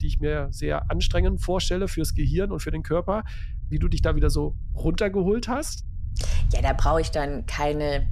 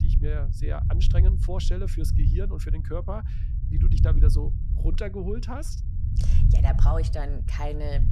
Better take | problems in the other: first | low rumble; loud; throughout; 5 dB below the speech; faint in the first

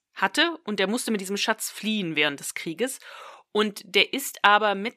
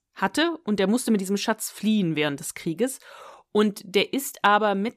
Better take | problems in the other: second | thin; very slightly; fading below 350 Hz

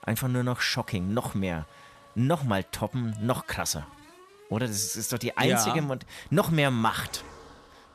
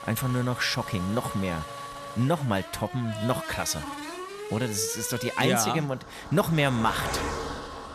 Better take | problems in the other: first | traffic noise; loud; throughout; 9 dB below the speech; faint in the first

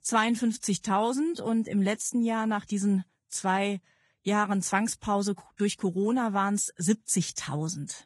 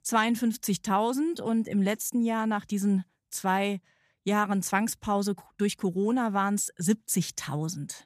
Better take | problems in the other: second | garbled, watery; badly; nothing above 11 kHz

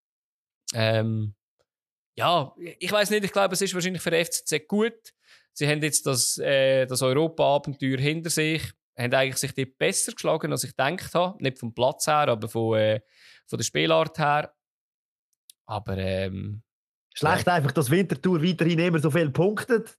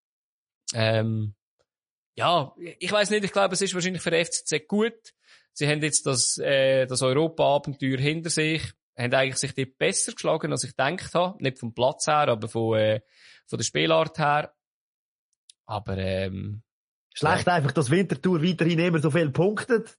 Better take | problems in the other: first | garbled, watery; slightly; nothing above 10.5 kHz

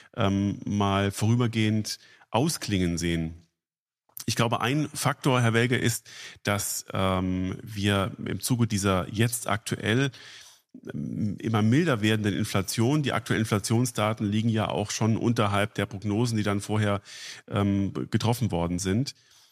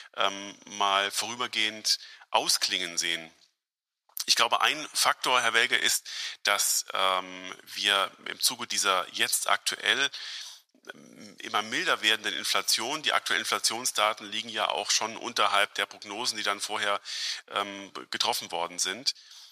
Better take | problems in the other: first | thin; very; fading below 900 Hz

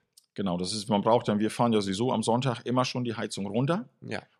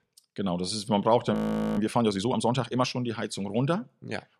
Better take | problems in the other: first | audio freezing; at 1.5 s

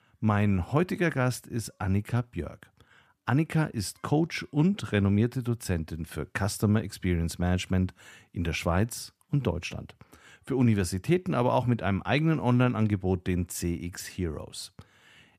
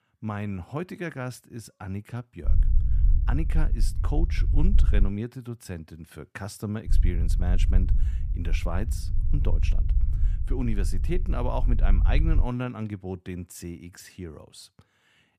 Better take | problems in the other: first | low rumble; loud; from 2.5 to 5 s and from 7 to 12 s; 10 dB below the speech

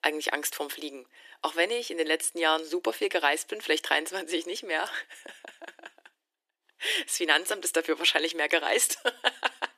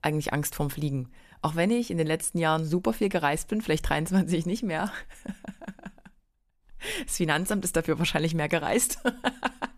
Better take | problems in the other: second | thin; very; fading below 300 Hz

